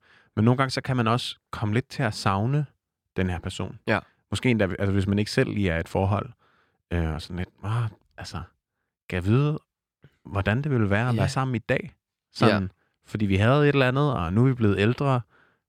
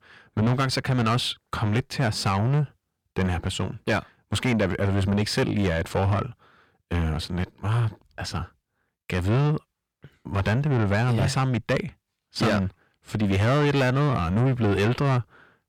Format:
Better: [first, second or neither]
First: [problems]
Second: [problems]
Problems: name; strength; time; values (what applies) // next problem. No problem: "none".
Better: first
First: none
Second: distortion; heavy; 7 dB below the speech